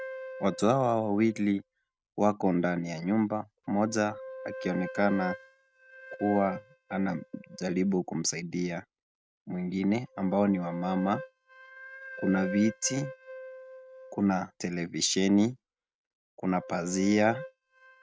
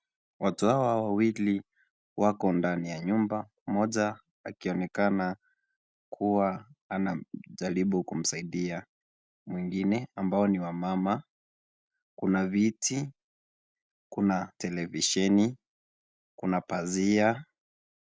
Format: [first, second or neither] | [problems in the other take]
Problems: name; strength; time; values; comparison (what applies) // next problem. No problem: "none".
second | noise reduction (neural mask model RNNoise)